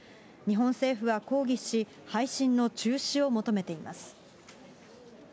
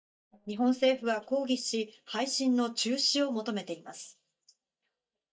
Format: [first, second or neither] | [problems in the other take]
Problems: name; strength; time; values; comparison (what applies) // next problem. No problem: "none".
first | noise reduction (neural mask model DeepFilterNet 3)